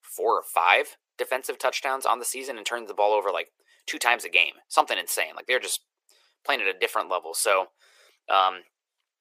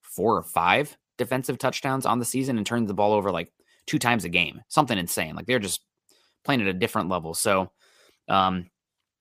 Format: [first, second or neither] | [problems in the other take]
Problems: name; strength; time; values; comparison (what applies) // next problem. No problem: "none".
second | thin; very; fading below 400 Hz